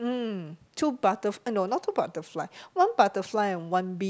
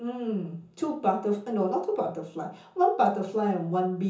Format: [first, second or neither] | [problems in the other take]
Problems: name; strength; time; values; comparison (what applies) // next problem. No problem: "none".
first | room echo; dies away in 0.6 s